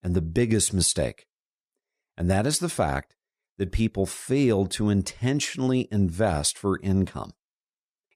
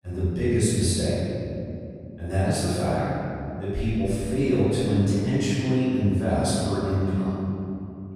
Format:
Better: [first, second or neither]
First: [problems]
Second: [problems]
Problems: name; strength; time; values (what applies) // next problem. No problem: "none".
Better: first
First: none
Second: off-mic speech; far // room echo; strong; dies away in 2.8 s